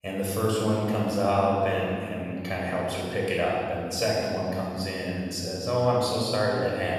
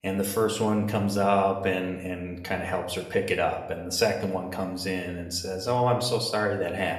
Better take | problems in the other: second | room echo; strong; dies away in 2.9 s; slight in the second // off-mic speech; far; somewhat distant in the second

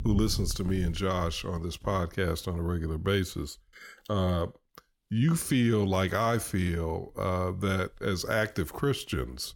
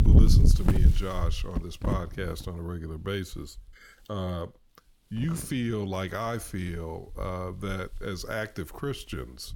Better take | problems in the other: first | wind noise on the microphone; heavy; 3 dB below the speech; occasional gusts in the first

